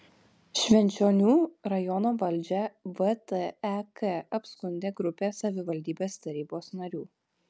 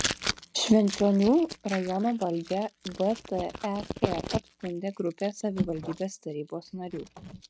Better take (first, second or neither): first